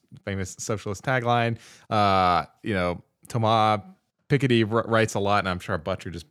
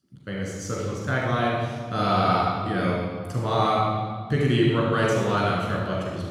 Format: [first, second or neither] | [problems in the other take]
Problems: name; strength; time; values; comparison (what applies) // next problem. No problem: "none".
first | off-mic speech; far // room echo; strong; dies away in 1.8 s